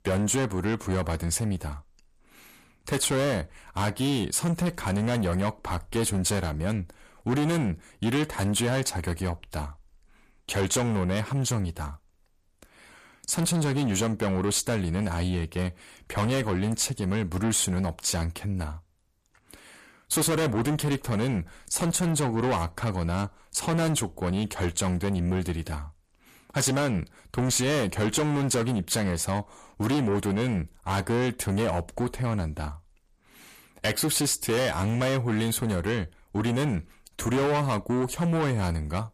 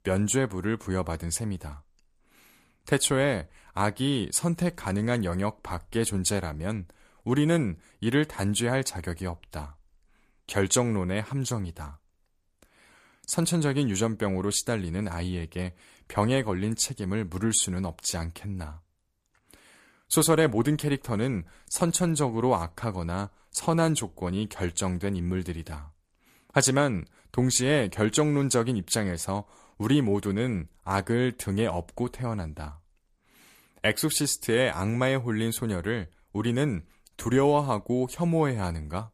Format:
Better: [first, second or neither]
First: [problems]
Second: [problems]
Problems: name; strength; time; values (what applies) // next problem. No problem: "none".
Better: second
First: distortion; heavy; 7 dB below the speech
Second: none